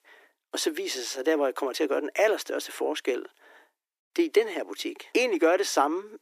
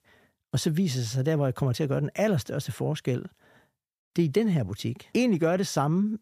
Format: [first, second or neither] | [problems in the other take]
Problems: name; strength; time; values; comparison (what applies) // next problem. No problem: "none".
second | thin; very; fading below 300 Hz